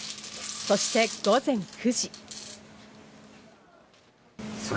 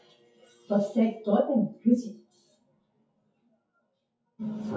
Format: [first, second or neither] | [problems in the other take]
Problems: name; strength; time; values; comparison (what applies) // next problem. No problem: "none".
first | noise reduction (classical method WPE with log-MMSE)